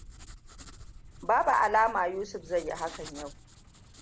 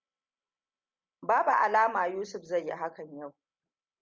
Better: second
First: background sound (Truck + Writing); 17 dB below the speech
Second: none

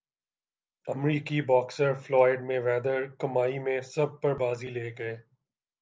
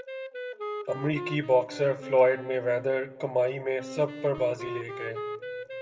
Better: first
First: none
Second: background sound (Wind instrument, woodwind instrument); 10 dB below the speech // room echo; dies away in 0.9 s

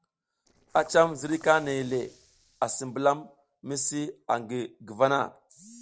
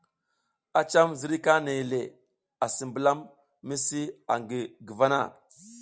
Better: second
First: noise reduction (neural separator model SepFormer DNS4)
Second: none

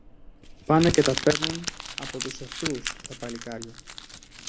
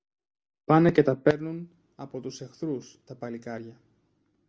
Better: second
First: background sound (Crumpling, crinkling); 7 dB below the speech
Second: none

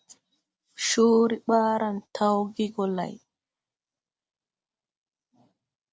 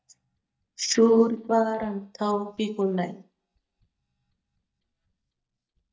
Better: first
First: none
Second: noise reduction (neural mask model DeepFilterNet 3)

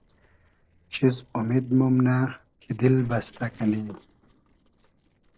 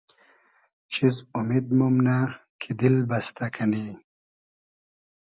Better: second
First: noise reduction (neural separator model SepFormer DNS4)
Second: none

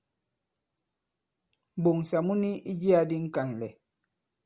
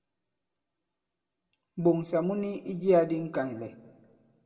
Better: first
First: none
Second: room echo; dies away in 1.2 s

